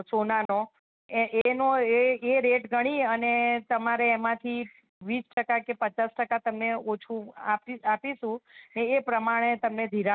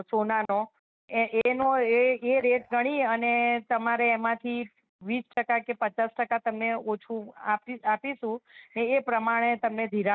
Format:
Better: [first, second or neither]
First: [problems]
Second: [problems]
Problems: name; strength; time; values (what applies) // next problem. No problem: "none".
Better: first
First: none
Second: noise reduction (neural mask model DeepFilterNet 3)